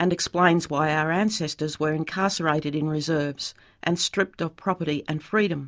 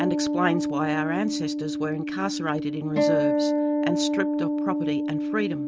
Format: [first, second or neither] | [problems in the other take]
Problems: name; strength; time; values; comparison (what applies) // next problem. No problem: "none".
first | background sound (Acoustic guitar); 4 dB above the speech